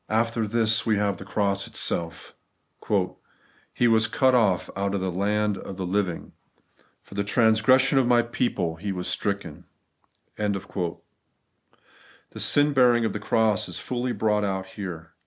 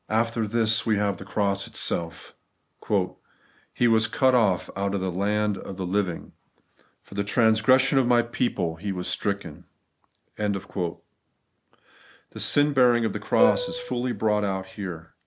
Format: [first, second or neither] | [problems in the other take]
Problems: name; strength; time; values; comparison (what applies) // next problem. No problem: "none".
first | background sound (Plucked string instrument); 4 dB below the speech